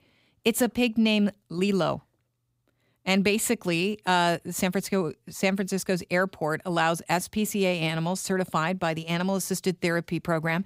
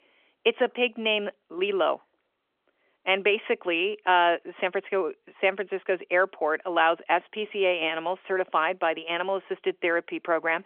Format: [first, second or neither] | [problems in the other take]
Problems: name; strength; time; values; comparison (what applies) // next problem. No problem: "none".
first | phone-call audio; nothing above 3 kHz